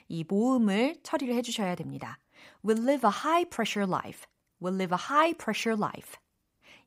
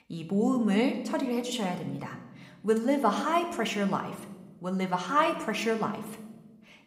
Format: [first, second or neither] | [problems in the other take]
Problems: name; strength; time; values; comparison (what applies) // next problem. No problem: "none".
first | room echo; slight; dies away in 0.9 s